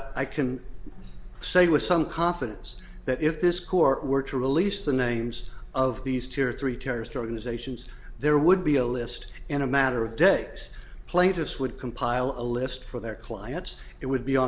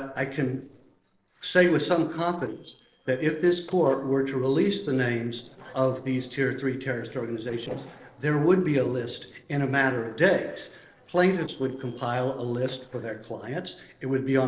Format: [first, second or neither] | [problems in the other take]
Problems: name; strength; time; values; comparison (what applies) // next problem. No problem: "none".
first | noise reduction (neural separator model SepFormer DNS4)